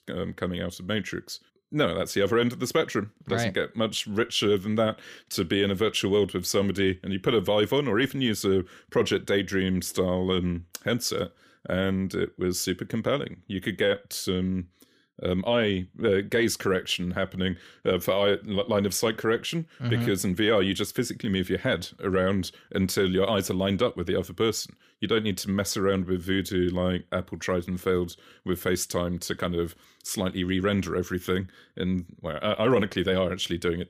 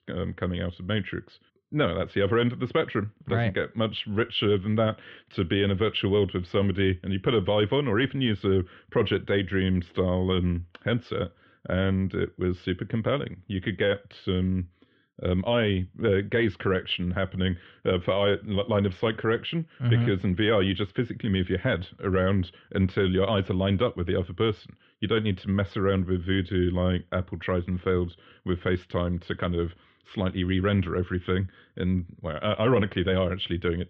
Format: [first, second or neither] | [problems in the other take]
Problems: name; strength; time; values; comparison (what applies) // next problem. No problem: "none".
first | muffled; very; fading above 3 kHz